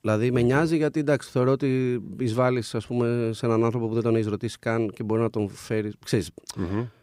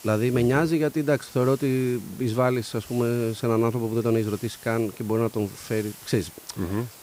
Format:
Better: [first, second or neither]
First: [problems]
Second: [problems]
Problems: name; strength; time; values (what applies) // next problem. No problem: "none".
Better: first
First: none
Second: hiss; noticeable; throughout; 20 dB below the speech